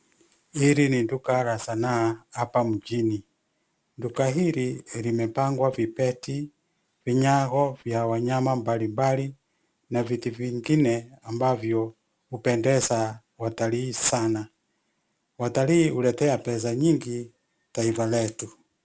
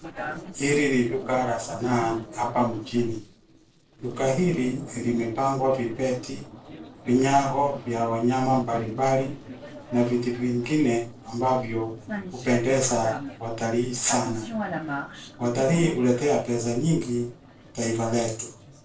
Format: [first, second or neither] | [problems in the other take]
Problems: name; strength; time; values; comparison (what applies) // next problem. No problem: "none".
first | noise reduction (neural separator model SepFormer DNS4)